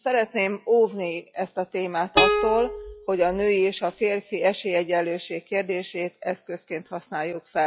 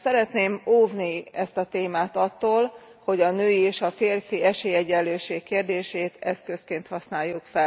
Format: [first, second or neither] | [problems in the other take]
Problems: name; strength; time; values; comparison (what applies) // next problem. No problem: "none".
second | noise reduction (classical method log-MMSE)